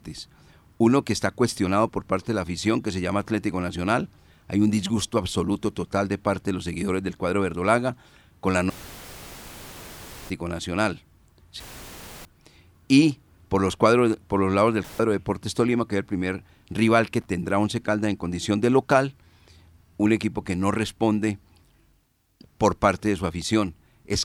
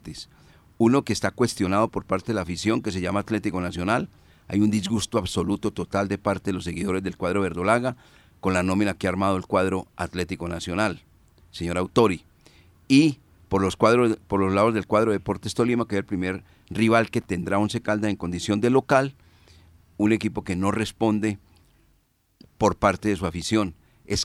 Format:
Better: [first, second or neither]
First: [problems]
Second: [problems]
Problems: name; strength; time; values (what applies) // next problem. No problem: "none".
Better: second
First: audio cutting out; filled with static; at 8.5 s for 1.5 s, at 12 s for 0.5 s and at 15 s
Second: none